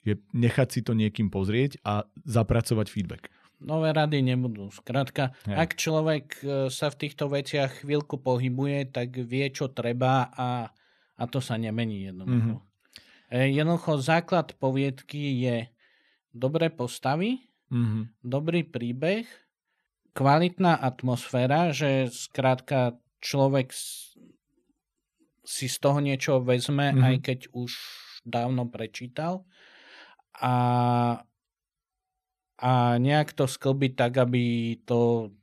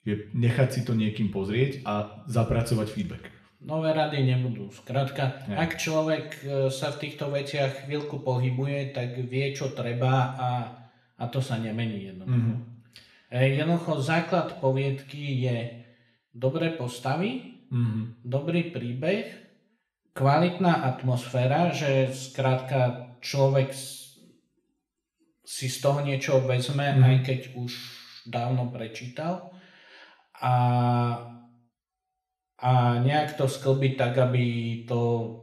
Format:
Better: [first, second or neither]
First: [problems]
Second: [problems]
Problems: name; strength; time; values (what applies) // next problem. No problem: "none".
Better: first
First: none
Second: room echo; slight; dies away in 0.6 s // off-mic speech; somewhat distant